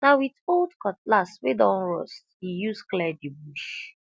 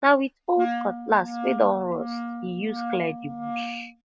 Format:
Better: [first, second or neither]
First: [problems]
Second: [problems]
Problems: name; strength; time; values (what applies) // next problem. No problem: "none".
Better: first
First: none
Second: noise reduction (neural mask model RNNoise)